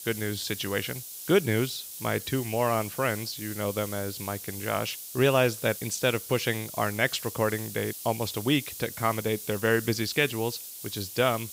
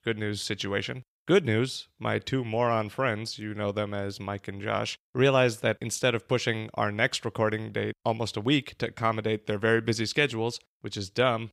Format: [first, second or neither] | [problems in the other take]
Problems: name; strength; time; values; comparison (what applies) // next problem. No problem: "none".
second | hiss; loud; throughout; 9 dB below the speech